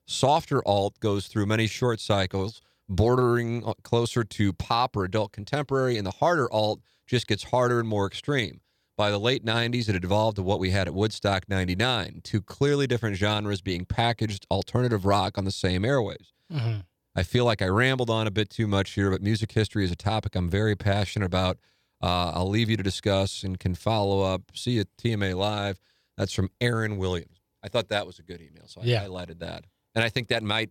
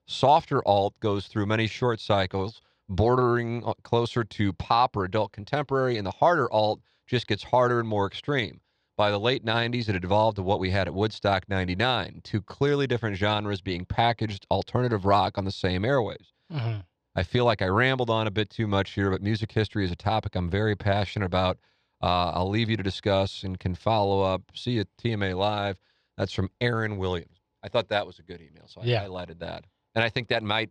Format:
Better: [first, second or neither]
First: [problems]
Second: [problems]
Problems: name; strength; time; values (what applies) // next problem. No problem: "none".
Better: first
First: none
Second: muffled; very slightly; fading above 4 kHz